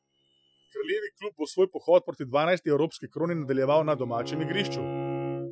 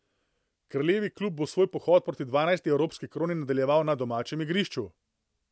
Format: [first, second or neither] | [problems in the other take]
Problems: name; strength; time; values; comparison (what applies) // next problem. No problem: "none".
second | noise reduction (classical method Wiener filter)